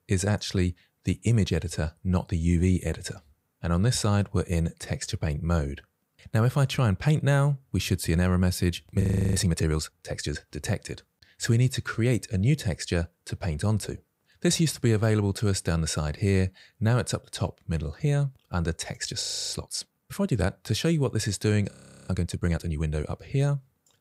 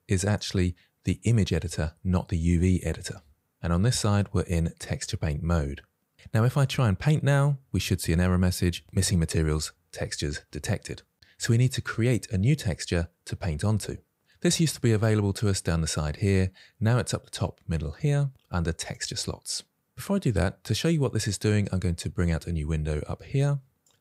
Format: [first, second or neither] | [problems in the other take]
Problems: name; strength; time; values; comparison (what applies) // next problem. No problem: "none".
second | audio freezing; at 9 s, at 19 s and at 22 s